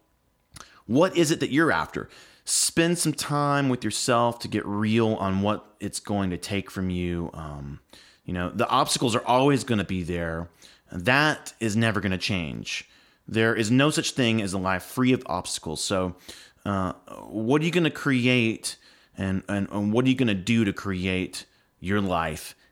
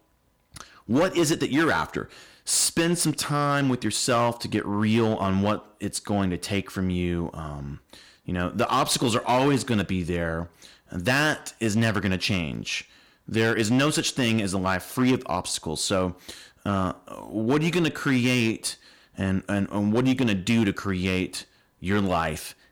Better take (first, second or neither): first